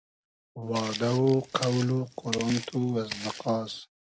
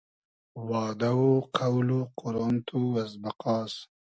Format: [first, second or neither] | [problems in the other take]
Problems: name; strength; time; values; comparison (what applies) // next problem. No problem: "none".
second | background sound (Walk, footsteps); 11 dB below the speech